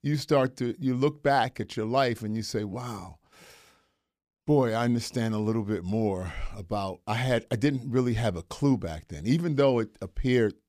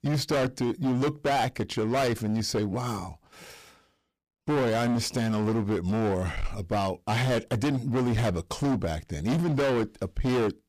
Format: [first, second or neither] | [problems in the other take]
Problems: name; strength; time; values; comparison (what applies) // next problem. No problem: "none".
first | distortion; heavy; 21% of the sound clipped